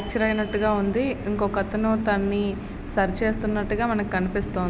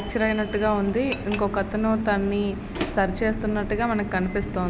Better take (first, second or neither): first